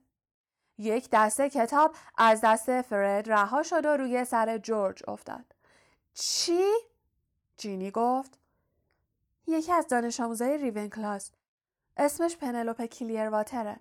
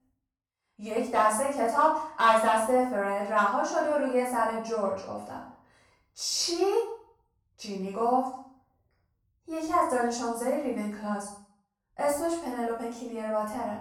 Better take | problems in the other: first | room echo; noticeable; dies away in 0.5 s // off-mic speech; far

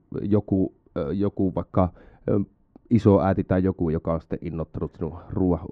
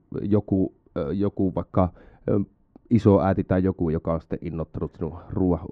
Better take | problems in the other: neither | muffled; very; fading above 3.5 kHz; the same in both

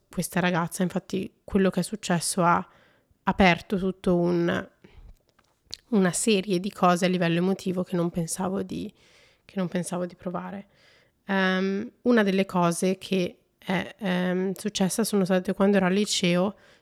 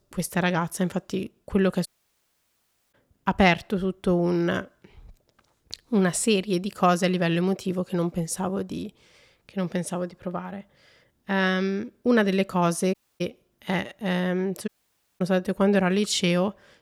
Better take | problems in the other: first | audio cutting out; at 2 s for 1 s, at 13 s and at 15 s for 0.5 s

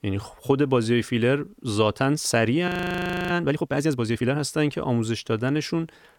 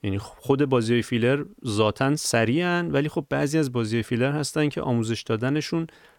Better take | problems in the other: second | audio freezing; at 2.5 s for 0.5 s

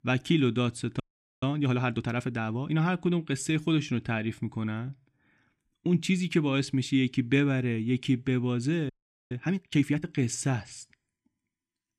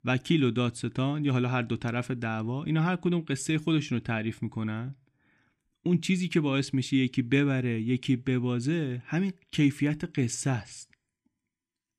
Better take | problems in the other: second | audio freezing; at 1 s and at 9 s

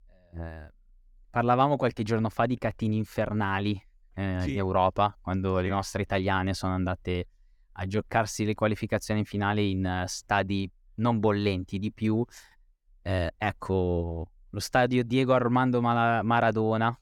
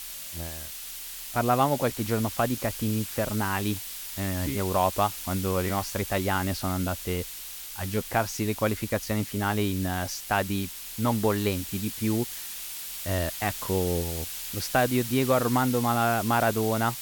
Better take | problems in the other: first | hiss; loud; throughout; 7 dB below the speech

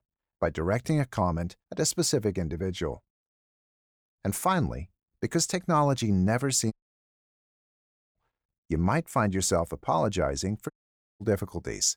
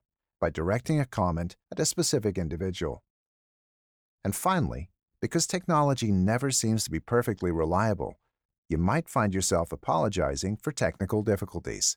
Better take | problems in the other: second | audio cutting out; at 6.5 s for 1.5 s and at 11 s for 0.5 s

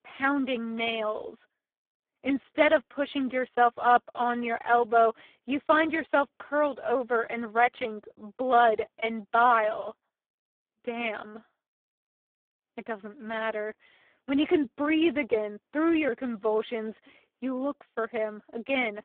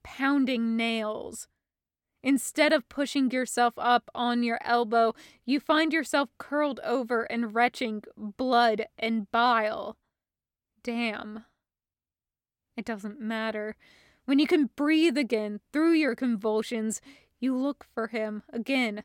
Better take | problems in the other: second | phone-call audio; poor line

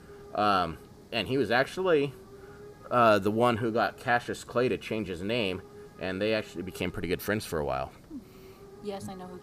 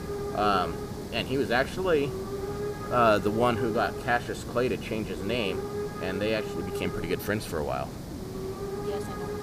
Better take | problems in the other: first | hiss; loud; throughout; 7 dB below the speech; faint in the first

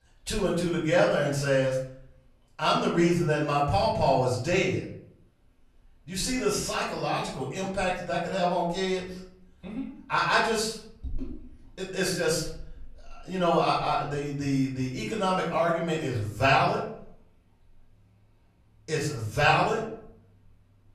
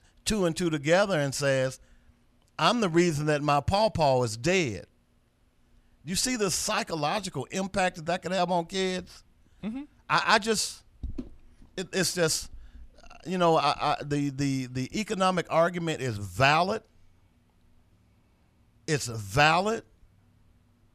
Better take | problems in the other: second | off-mic speech; far // room echo; noticeable; dies away in 0.5 s

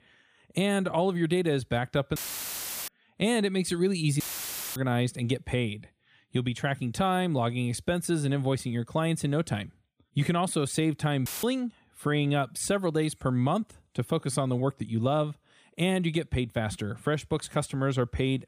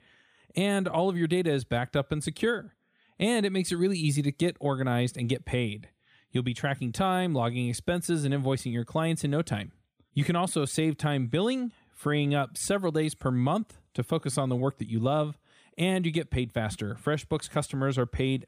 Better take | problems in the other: second | audio cutting out; filled with static; at 2 s for 0.5 s, at 4 s for 0.5 s and at 11 s

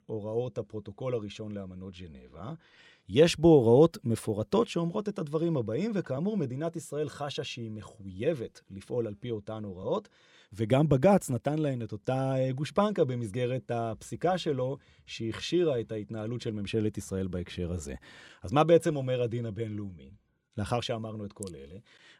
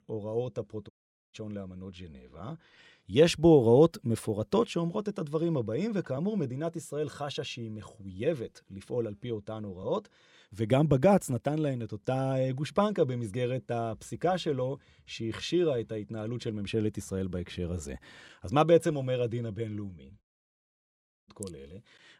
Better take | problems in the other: first | audio cutting out; at 1 s and at 20 s for 1 s

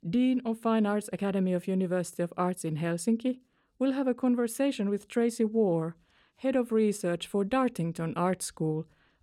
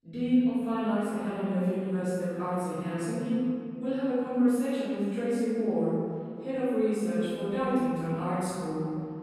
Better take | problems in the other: first | off-mic speech; far // room echo; strong; dies away in 2.3 s

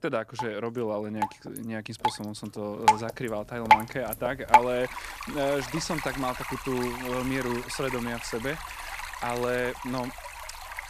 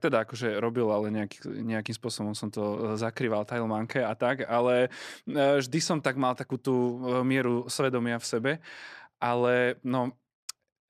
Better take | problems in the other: second | rain or running water; very loud; throughout; 2 dB above the speech

